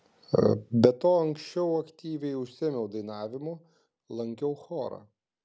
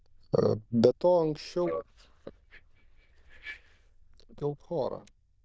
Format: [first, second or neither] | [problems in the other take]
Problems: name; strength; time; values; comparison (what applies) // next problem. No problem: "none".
first | noise reduction (neural diffusion model UNIVERSE++)